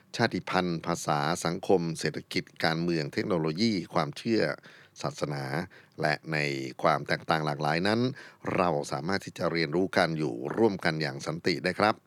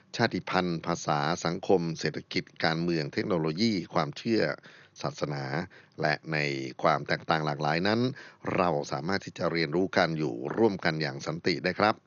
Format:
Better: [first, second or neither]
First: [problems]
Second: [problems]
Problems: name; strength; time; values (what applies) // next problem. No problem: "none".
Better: first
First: none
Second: garbled, watery; slightly; nothing above 6.5 kHz